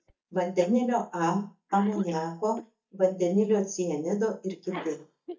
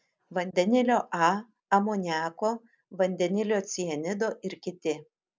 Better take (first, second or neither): second